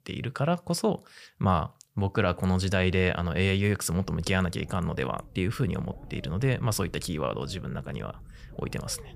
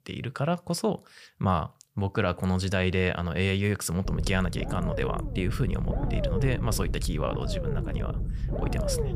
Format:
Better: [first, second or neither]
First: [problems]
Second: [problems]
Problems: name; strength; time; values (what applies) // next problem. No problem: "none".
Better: first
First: low rumble; faint; from 4 s on; 25 dB below the speech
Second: low rumble; loud; from 4 s on; 7 dB below the speech